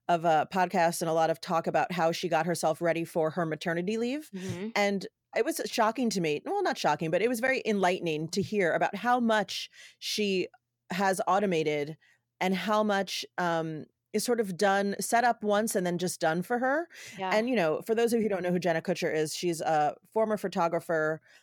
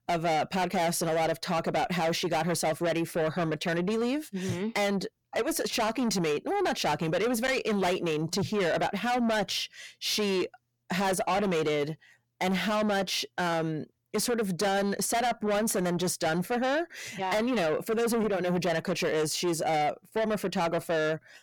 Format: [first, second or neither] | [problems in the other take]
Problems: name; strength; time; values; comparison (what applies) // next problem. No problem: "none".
first | distortion; heavy; 7 dB below the speech